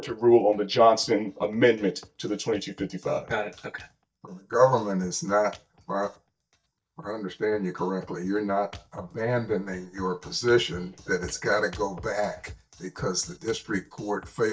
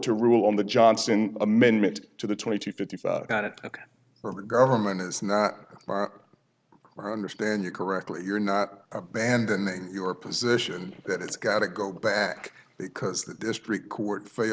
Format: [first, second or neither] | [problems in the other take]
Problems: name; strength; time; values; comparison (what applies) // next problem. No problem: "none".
second | noise reduction (neural mask model DeepFilterNet 3)